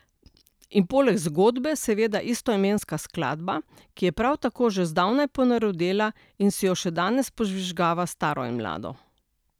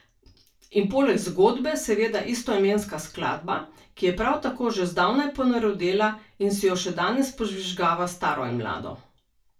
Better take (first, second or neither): first